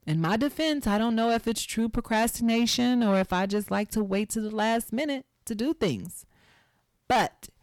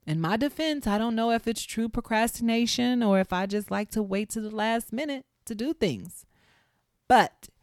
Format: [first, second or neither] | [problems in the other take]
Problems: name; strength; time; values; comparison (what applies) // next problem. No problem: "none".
second | distortion; slight; 10 dB below the speech